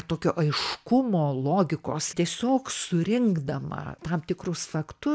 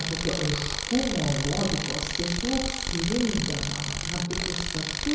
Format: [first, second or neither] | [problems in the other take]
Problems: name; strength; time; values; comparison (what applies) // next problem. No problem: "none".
first | background sound (Tools); 2 dB below the speech // room echo; dies away in 1 s